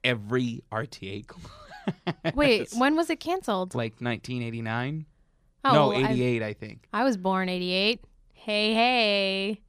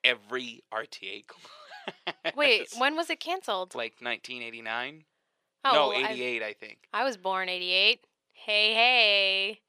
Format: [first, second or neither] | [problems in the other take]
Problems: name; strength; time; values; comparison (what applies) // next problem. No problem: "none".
first | thin; somewhat; fading below 500 Hz